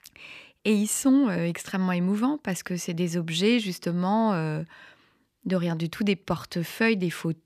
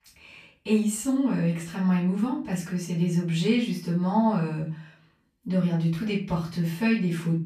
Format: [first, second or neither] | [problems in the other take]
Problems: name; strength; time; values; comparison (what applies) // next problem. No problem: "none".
first | off-mic speech; far // room echo; slight; dies away in 0.3 s